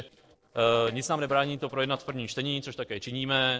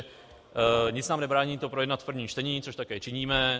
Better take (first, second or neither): second